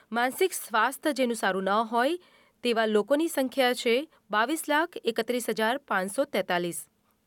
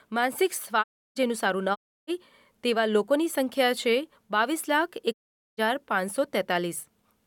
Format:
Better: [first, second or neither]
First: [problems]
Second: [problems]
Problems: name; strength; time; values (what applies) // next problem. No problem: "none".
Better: first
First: none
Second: audio cutting out; at 1 s, at 2 s and at 5 s